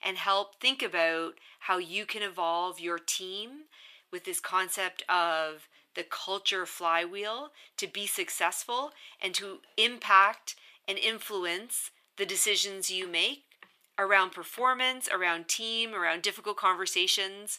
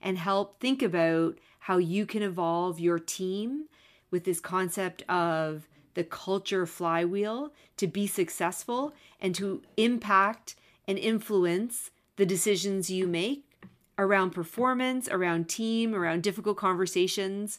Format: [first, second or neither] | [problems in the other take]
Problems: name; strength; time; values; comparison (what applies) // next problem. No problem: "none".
second | thin; very; fading below 750 Hz